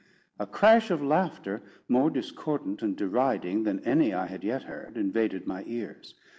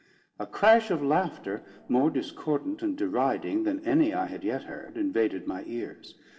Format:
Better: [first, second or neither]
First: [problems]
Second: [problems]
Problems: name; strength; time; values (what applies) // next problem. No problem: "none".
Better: first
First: none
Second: room echo; dies away in 2.1 s